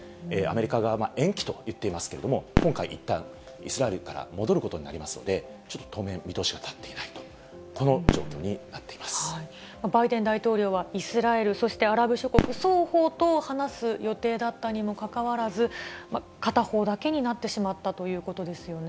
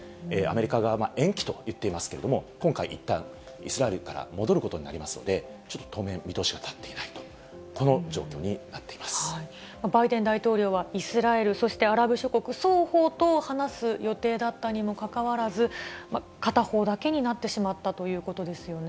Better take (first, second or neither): second